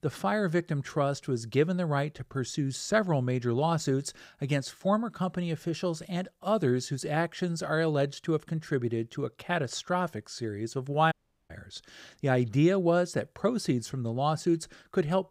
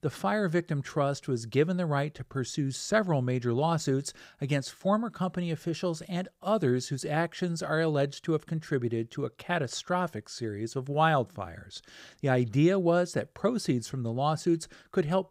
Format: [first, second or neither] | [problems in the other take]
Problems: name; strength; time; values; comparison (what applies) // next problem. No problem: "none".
second | audio cutting out; at 11 s